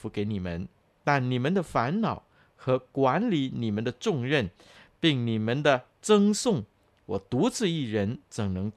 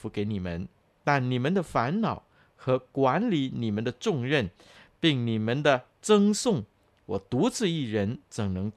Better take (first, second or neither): neither